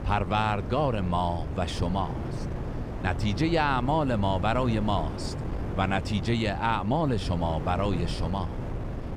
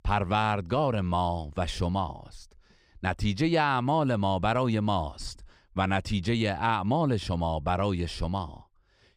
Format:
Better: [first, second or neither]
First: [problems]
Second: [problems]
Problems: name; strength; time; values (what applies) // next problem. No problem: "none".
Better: second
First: wind noise on the microphone; occasional gusts; 10 dB below the speech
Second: none